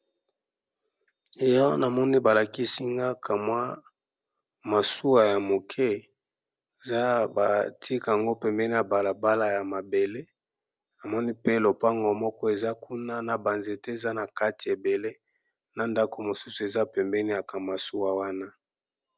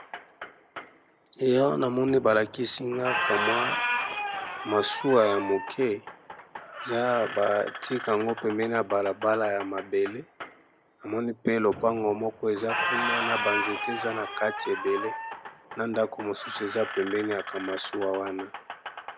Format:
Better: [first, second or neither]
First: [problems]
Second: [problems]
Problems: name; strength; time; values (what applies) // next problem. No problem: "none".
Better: first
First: none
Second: background sound (Squeak); 6 dB below the speech